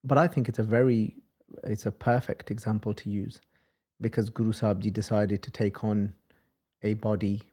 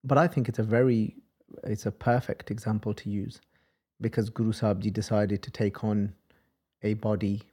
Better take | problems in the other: second | garbled, watery; slightly; nothing above 17.5 kHz

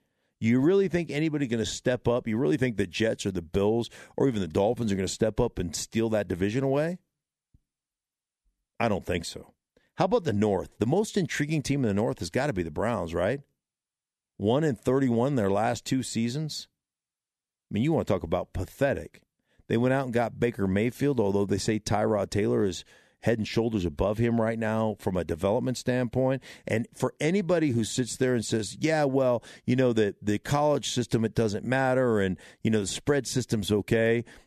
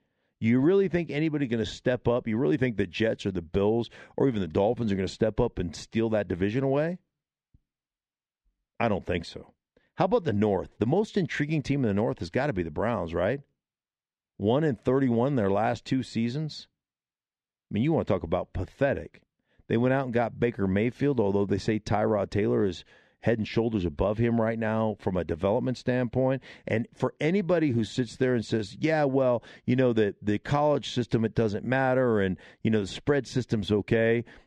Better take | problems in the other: first | muffled; slightly; fading above 3.5 kHz

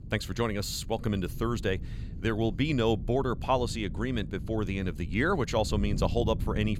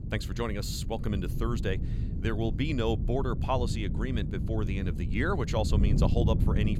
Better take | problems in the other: first | wind noise on the microphone; heavy; 9 dB below the speech; occasional gusts in the first

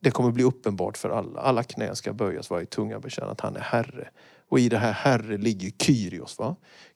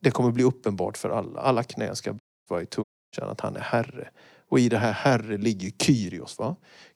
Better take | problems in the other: first | audio cutting out; at 2 s and at 3 s

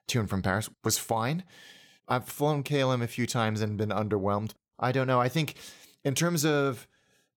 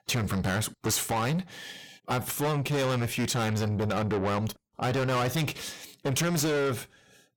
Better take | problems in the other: first | distortion; heavy; 5 dB below the speech

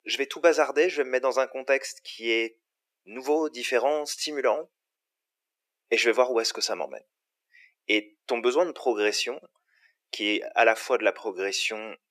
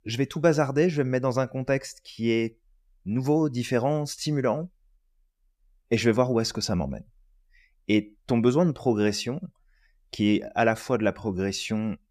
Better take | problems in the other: second | thin; very; fading below 350 Hz

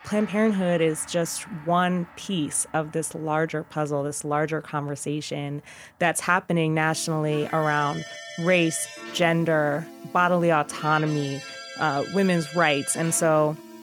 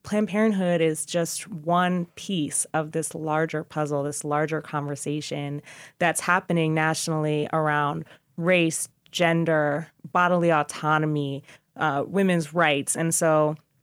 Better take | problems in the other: second | background music; noticeable; throughout; 15 dB below the speech

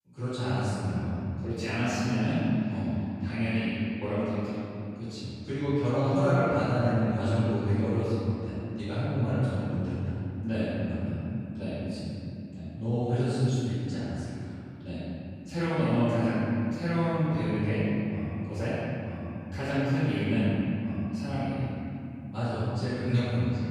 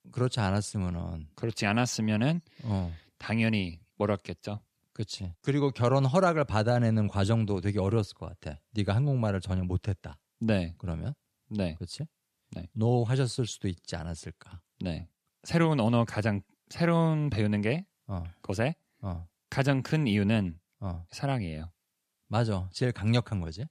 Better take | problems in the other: second | room echo; strong; dies away in 3 s // off-mic speech; far

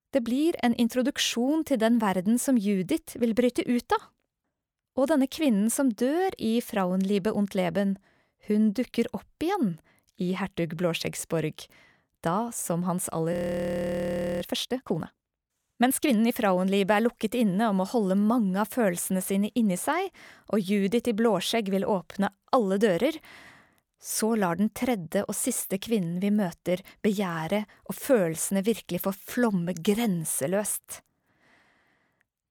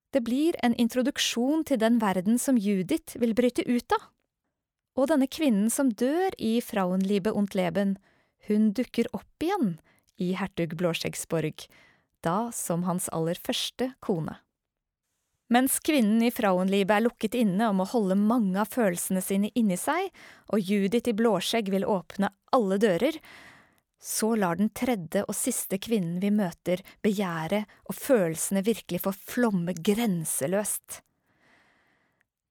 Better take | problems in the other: second | audio freezing; at 13 s for 1 s

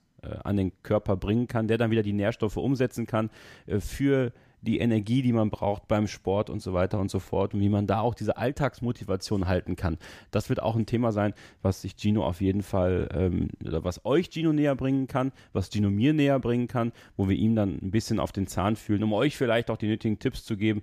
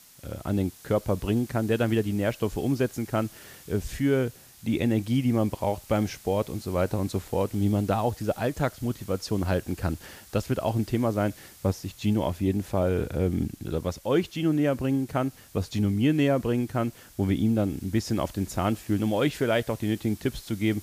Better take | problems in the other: first | hiss; faint; throughout; 20 dB below the speech

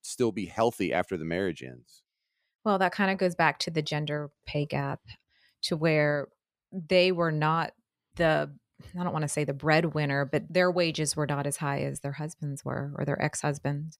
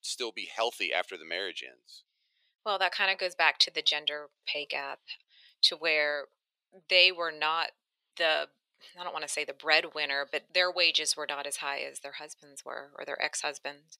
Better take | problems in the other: first | thin; very; fading below 500 Hz

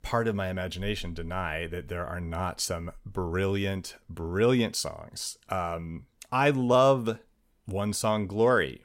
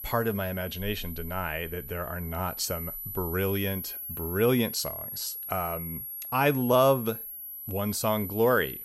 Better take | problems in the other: first | high-pitched whine; loud; throughout; 12 kHz, 7 dB below the speech

